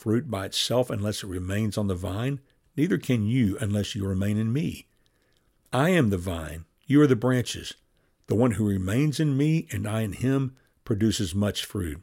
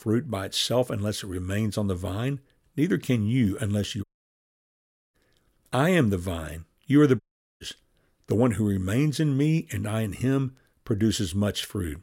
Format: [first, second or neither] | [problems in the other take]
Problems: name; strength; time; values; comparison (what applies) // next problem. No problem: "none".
first | audio cutting out; at 4 s for 1 s and at 7 s